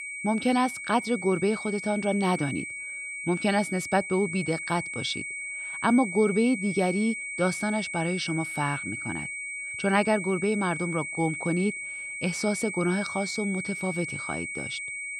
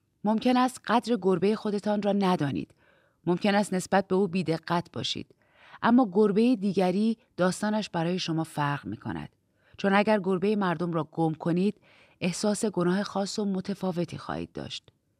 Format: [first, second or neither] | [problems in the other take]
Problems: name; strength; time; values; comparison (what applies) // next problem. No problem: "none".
second | high-pitched whine; loud; throughout; 2 kHz, 5 dB below the speech